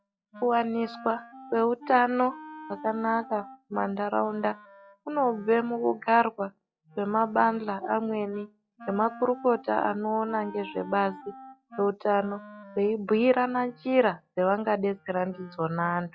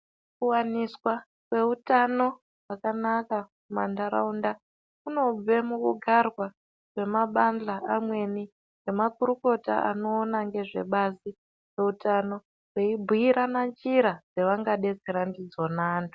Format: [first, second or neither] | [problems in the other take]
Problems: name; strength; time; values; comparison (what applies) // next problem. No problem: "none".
second | noise reduction (classical method log-MMSE)